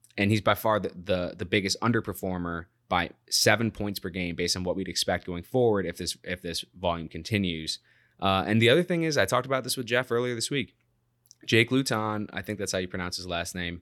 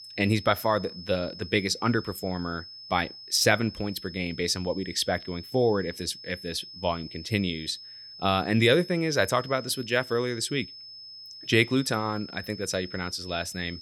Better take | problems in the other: first | high-pitched whine; noticeable; throughout; 5 kHz, 15 dB below the speech

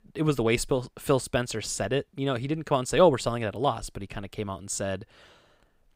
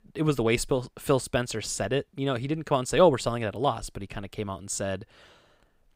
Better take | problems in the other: neither | none

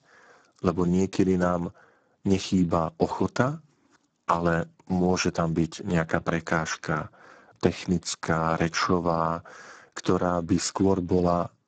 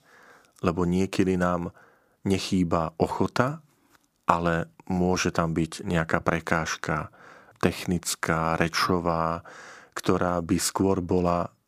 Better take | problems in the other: second | garbled, watery; badly; nothing above 8 kHz

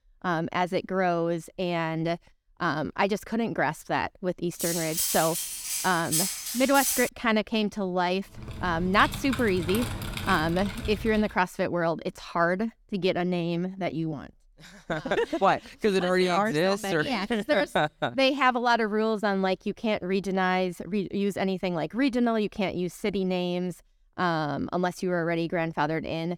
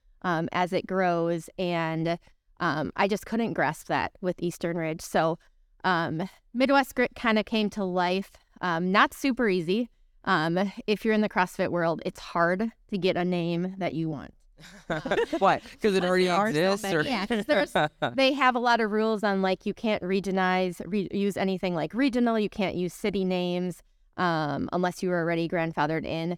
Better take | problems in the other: second | clattering dishes; loud; from 4.5 to 7 s; peak 1 dB above the speech // keyboard typing; noticeable; from 8.5 to 11 s; peak 6 dB below the speech

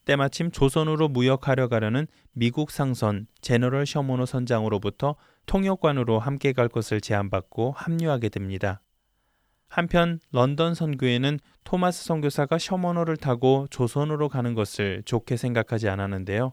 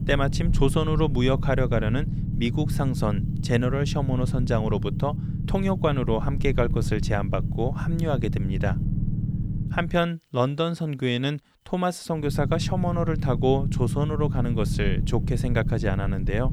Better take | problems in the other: first | low rumble; noticeable; until 10 s and from 12 s on; 10 dB below the speech

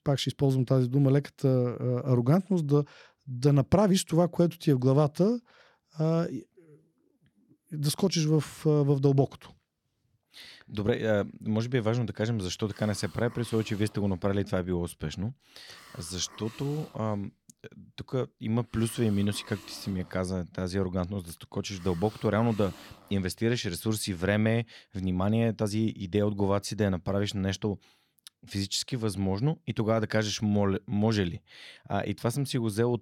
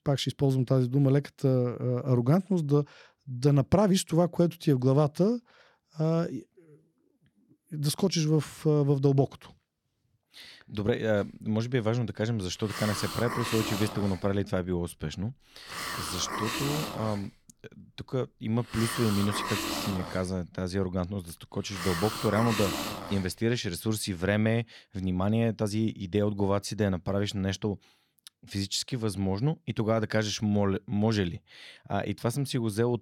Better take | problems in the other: first | hiss; loud; from 11 to 23 s; 6 dB below the speech; faint in the first

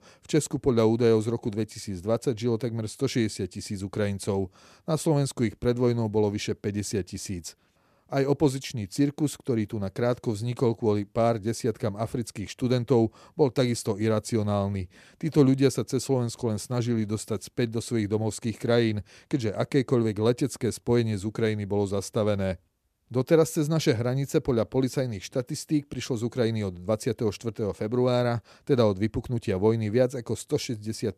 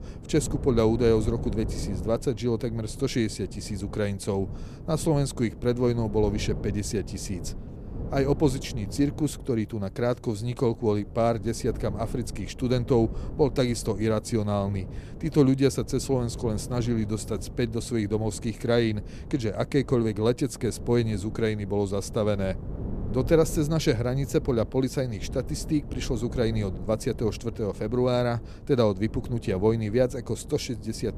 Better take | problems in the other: first | wind noise on the microphone; occasional gusts; 15 dB below the speech

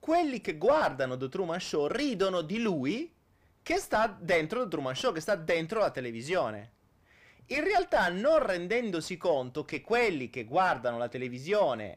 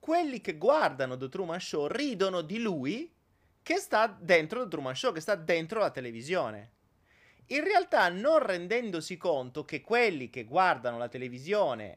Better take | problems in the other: second | distortion; slight; 10 dB below the speech

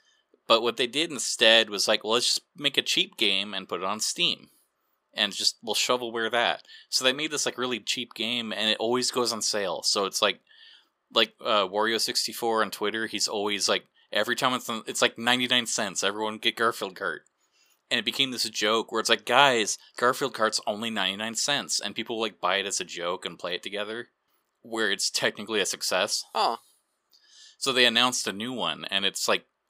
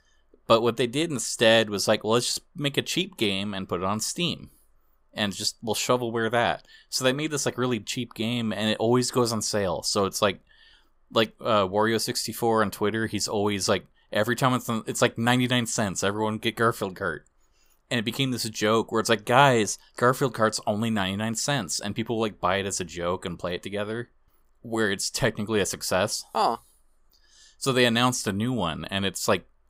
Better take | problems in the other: second | thin; very slightly; fading below 250 Hz

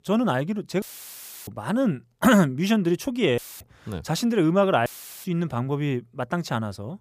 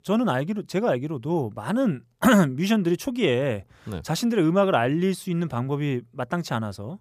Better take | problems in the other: second | audio cutting out; filled with static; at 1 s for 0.5 s, at 3.5 s and at 5 s

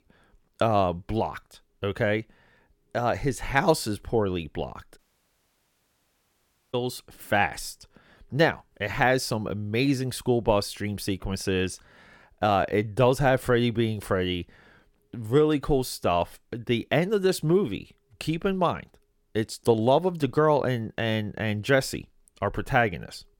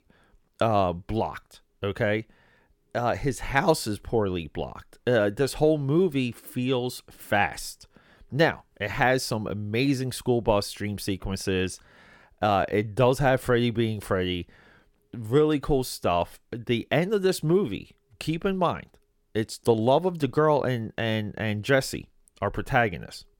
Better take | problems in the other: second | audio cutting out; at 5 s for 2 s

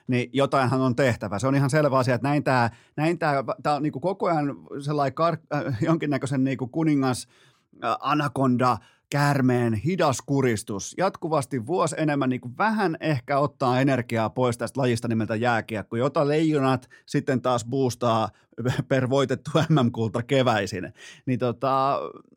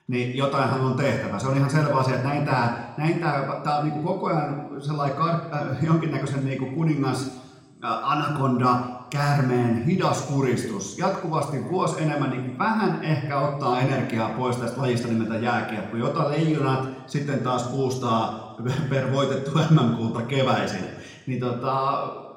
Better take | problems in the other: first | room echo; slight; dies away in 1 s // off-mic speech; somewhat distant

